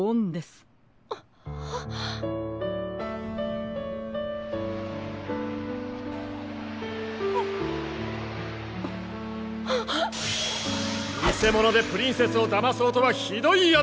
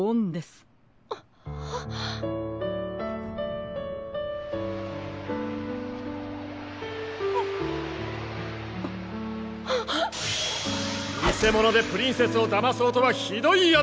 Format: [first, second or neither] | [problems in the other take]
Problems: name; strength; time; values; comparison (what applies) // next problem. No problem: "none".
second | background sound (Electric guitar); 13 dB below the speech